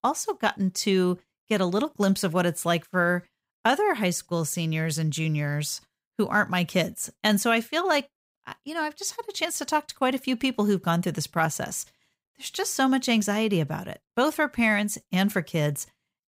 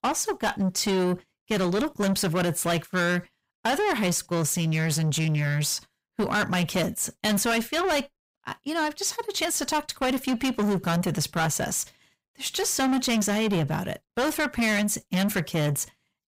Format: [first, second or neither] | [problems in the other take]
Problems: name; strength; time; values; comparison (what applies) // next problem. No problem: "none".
first | distortion; heavy; 7 dB below the speech